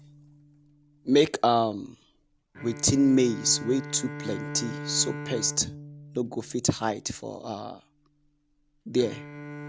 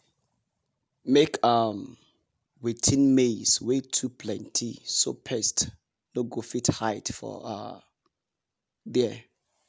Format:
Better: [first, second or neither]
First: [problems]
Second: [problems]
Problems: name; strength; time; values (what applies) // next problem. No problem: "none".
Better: second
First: background sound (Bowed string instrument); 13 dB below the speech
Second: none